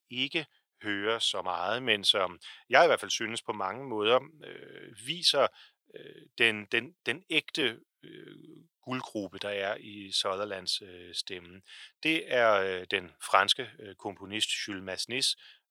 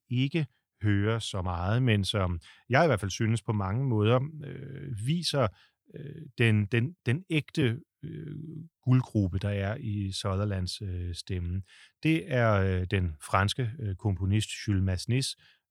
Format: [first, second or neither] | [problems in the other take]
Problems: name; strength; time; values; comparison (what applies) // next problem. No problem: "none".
second | thin; very; fading below 550 Hz